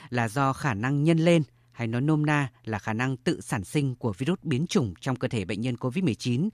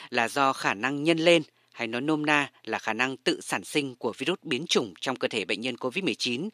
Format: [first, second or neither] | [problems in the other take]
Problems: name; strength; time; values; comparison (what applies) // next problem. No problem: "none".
first | thin; somewhat; fading below 400 Hz